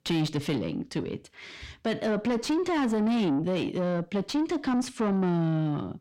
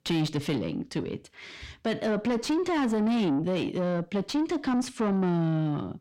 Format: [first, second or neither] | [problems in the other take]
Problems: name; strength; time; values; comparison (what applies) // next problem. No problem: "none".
neither | distortion; slight; 10 dB below the speech; the same in both